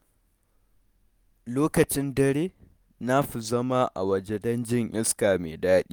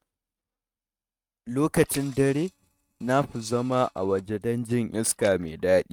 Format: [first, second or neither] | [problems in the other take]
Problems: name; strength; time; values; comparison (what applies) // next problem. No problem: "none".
first | noise reduction (neural mask model RNNoise)